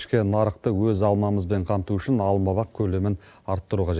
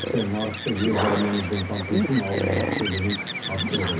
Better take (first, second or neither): first